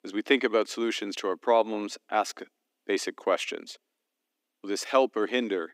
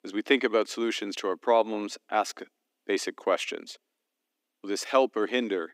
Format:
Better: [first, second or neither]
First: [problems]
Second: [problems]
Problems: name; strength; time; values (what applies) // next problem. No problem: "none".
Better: neither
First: thin; somewhat; fading below 300 Hz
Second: thin; somewhat; fading below 300 Hz